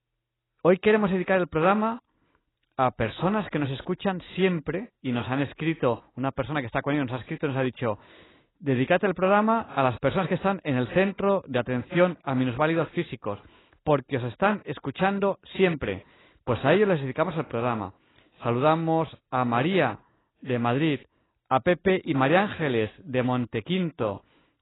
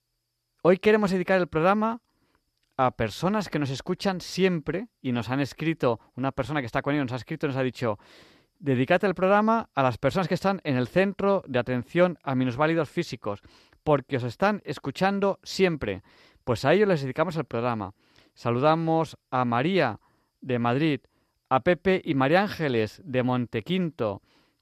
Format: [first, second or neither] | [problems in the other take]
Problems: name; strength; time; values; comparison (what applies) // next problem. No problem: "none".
second | garbled, watery; badly; nothing above 4 kHz